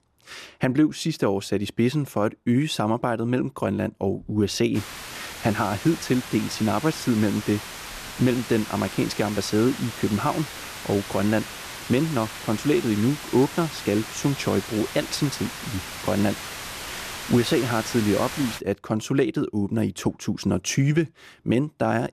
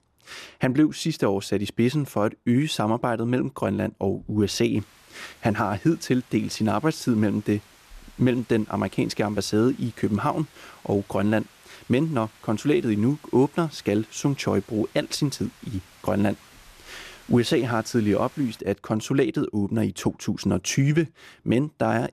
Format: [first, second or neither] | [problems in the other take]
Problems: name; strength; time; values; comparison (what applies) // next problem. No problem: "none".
second | hiss; loud; from 5 to 19 s; 10 dB below the speech; faint in the second